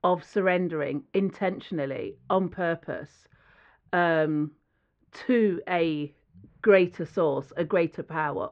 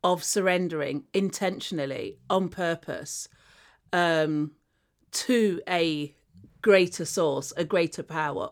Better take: second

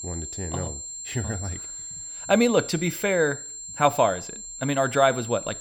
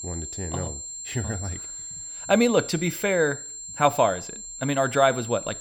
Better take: neither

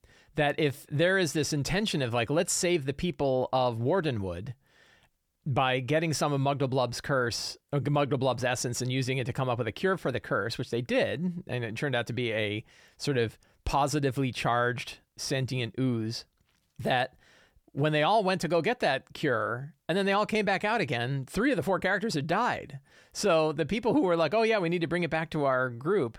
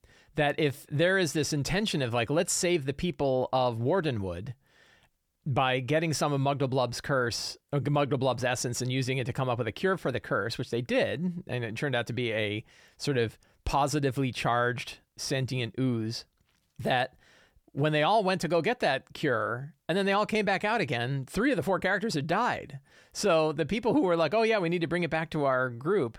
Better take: neither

